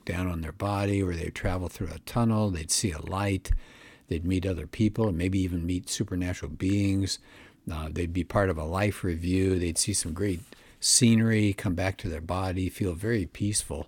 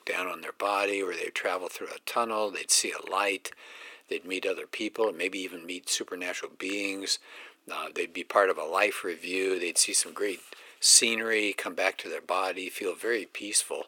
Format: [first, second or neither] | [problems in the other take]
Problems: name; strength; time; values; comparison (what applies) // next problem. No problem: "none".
first | thin; very; fading below 400 Hz